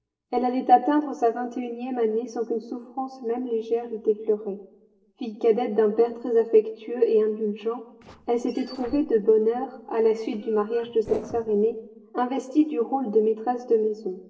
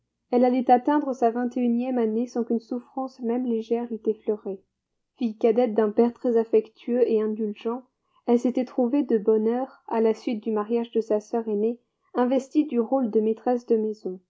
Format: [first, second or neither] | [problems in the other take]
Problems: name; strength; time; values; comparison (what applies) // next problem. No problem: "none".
second | noise reduction (neural separator model SepFormer DNS4)